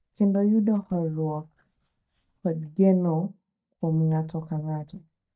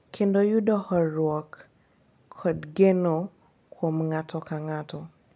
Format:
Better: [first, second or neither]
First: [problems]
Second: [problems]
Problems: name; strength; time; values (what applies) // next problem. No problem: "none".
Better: second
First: noise reduction (neural mask model DeepFilterNet 3)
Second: none